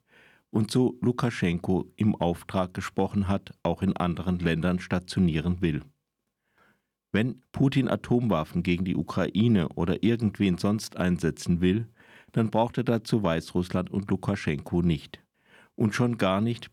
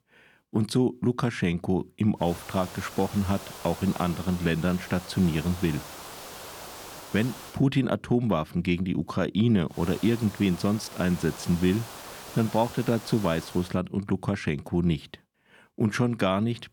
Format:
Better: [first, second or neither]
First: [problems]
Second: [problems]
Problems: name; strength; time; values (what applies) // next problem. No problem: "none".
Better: first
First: none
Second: hiss; noticeable; from 2.5 to 7.5 s and from 10 to 14 s; 15 dB below the speech